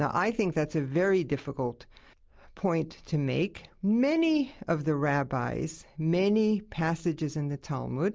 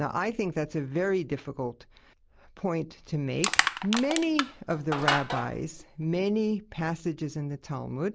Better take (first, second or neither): first